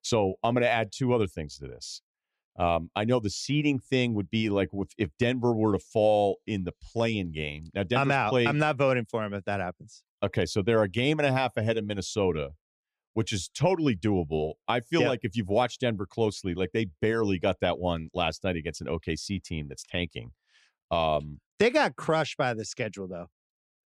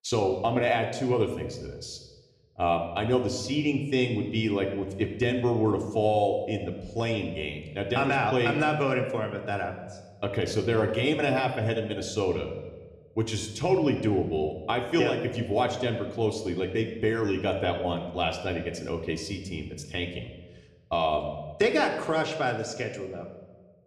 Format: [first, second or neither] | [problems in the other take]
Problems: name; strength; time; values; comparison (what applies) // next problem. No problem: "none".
first | room echo; slight; dies away in 0.9 s // off-mic speech; somewhat distant